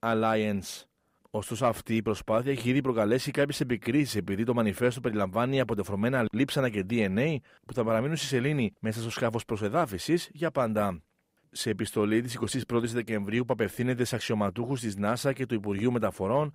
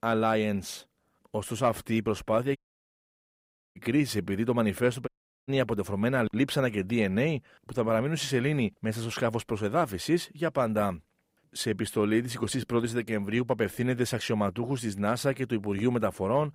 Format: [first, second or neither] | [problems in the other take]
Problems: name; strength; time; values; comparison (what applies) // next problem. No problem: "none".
first | audio cutting out; at 2.5 s for 1 s and at 5 s